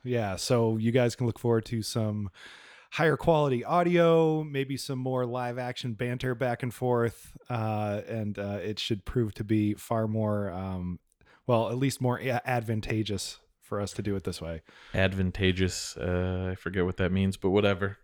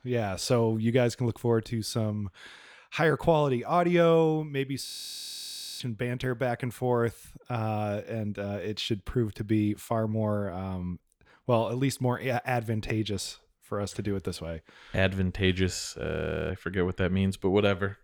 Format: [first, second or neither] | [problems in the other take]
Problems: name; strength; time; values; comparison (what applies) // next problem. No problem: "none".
first | audio freezing; at 5 s for 1 s and at 16 s